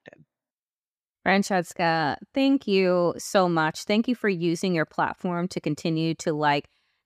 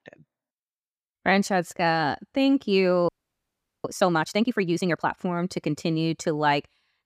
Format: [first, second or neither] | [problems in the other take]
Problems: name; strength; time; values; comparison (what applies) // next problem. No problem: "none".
first | audio freezing; at 3 s for 1 s